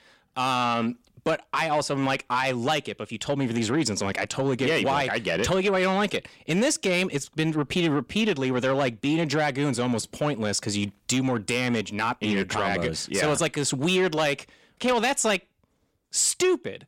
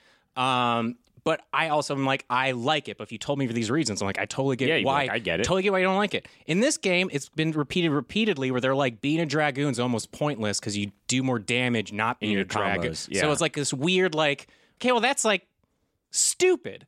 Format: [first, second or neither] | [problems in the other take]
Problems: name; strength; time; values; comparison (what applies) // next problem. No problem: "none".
second | distortion; slight; 10 dB below the speech